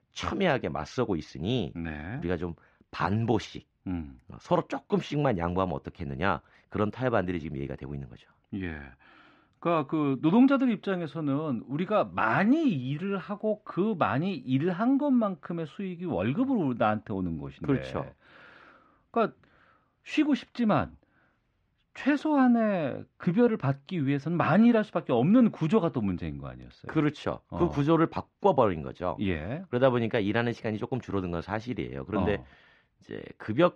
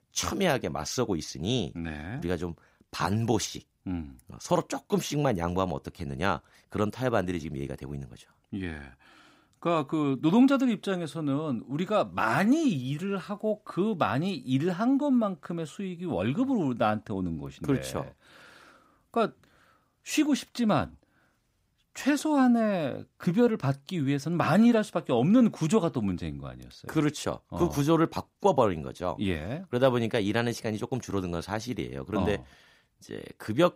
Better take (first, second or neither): second